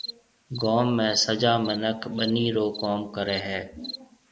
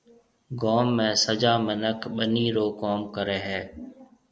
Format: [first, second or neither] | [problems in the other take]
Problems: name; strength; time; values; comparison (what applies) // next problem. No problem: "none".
second | background sound (Cricket); 15 dB below the speech